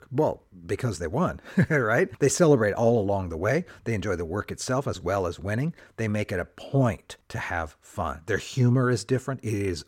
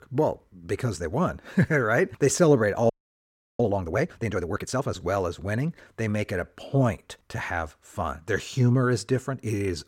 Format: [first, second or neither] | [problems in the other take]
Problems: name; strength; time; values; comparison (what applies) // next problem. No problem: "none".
first | audio freezing; at 3 s for 0.5 s